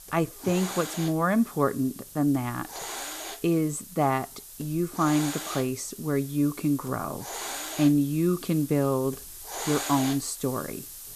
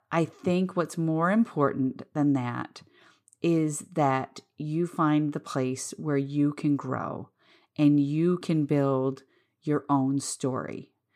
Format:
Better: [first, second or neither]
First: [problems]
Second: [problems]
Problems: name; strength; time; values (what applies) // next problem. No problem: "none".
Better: second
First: hiss; loud; throughout; 10 dB below the speech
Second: none